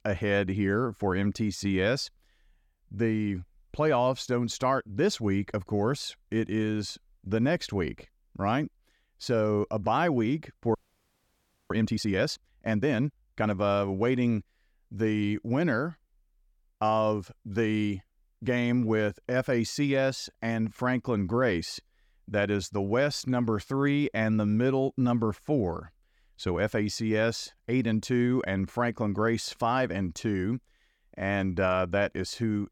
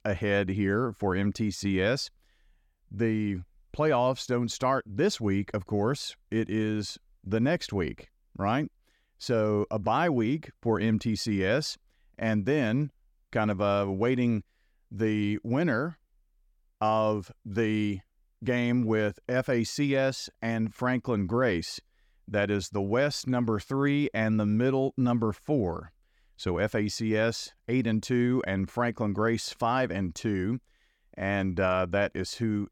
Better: second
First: audio freezing; at 11 s for 1 s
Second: none

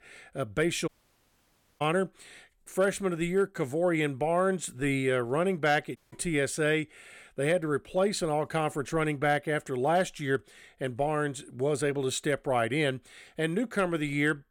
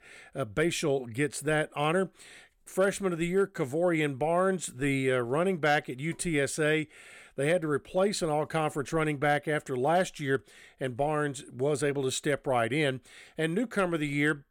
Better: second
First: audio cutting out; at 1 s for 1 s and at 6 s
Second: none

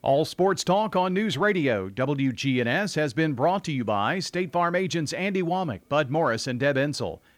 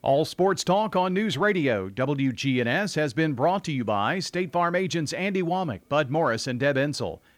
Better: neither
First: none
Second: none

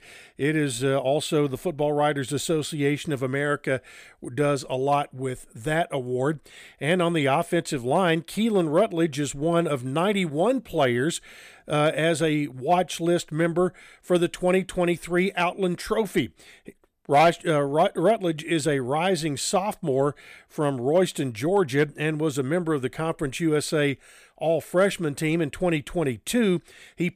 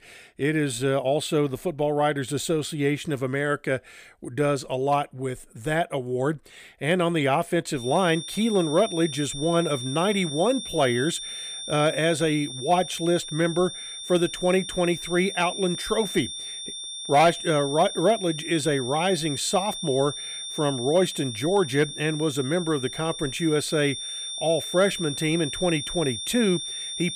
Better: first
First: none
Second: high-pitched whine; loud; from 8 s on; 3.5 kHz, 7 dB below the speech

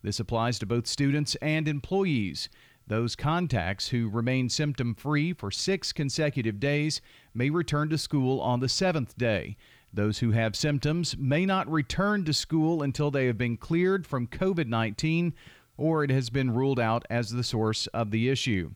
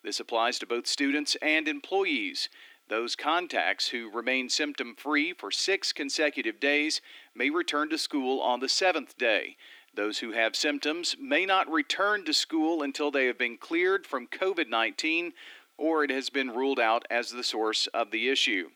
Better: first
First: none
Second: thin; somewhat; fading below 300 Hz

